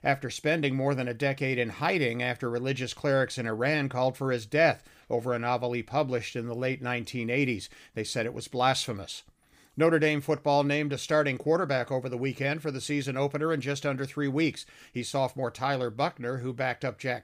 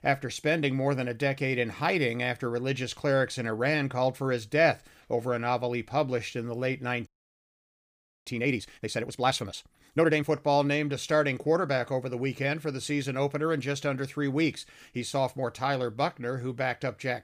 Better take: first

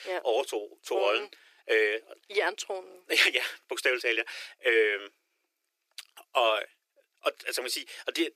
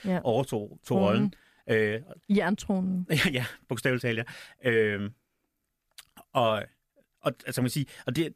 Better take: second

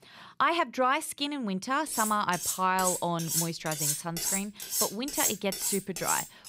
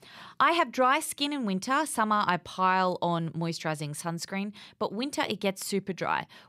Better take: second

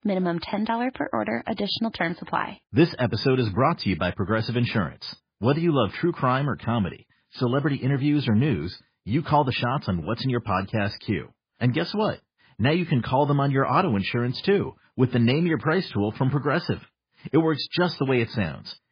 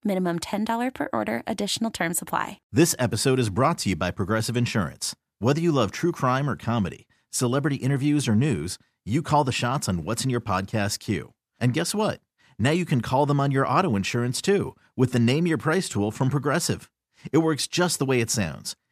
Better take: second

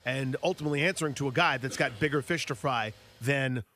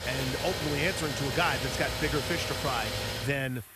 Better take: first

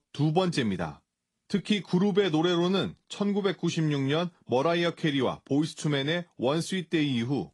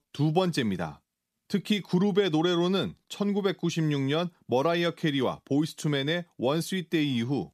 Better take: second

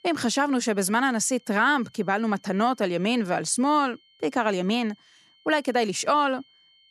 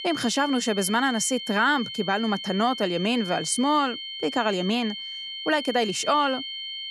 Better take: first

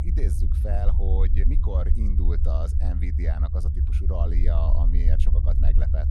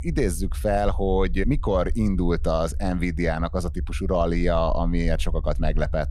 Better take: second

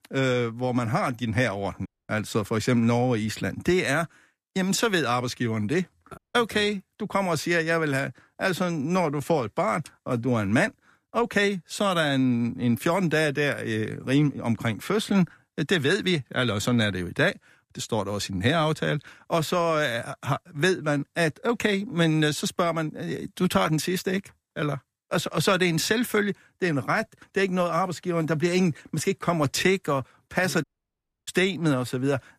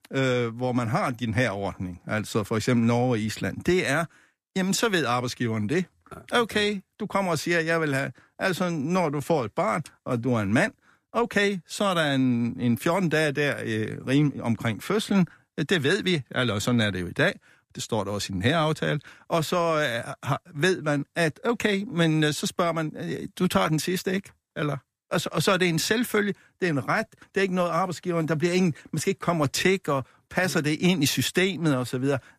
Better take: second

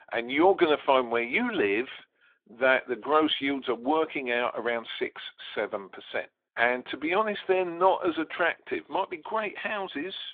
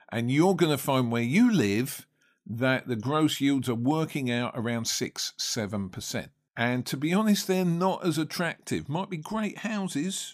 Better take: second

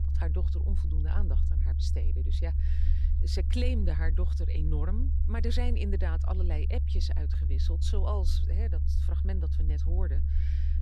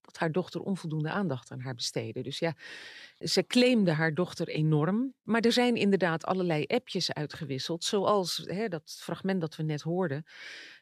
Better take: second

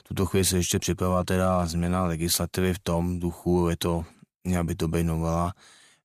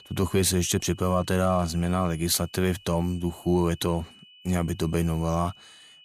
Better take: first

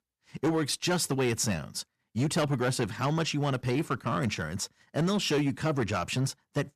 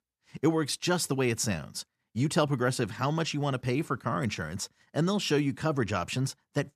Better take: second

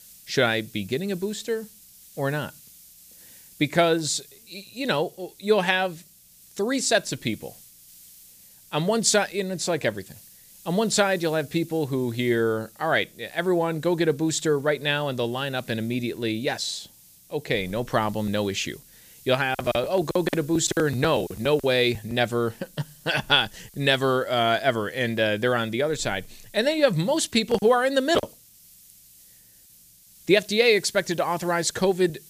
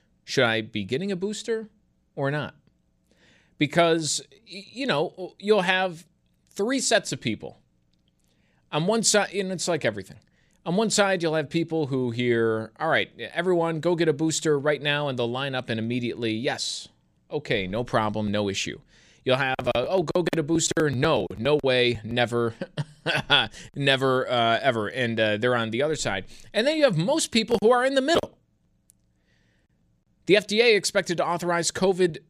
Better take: second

